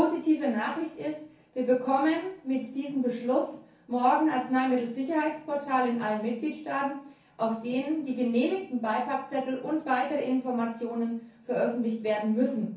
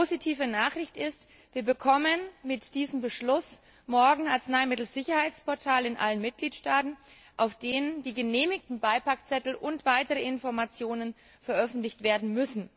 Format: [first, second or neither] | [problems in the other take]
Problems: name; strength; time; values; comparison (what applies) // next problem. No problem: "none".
second | room echo; dies away in 0.6 s